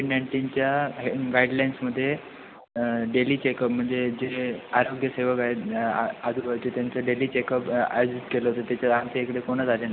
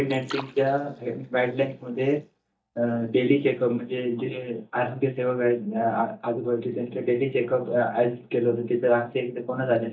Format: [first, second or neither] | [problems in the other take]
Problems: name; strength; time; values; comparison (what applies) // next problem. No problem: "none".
first | noise reduction (neural mask model DeepFilterNet 3)